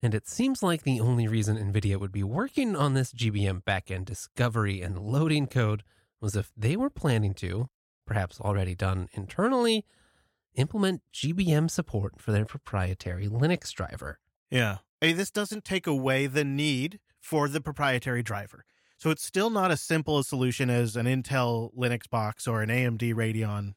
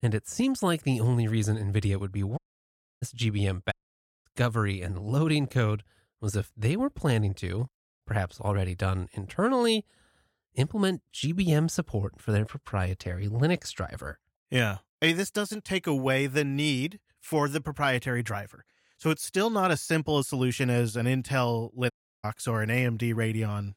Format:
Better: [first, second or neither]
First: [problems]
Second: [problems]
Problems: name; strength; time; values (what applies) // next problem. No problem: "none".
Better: first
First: none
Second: audio cutting out; at 2.5 s for 0.5 s, at 3.5 s for 0.5 s and at 22 s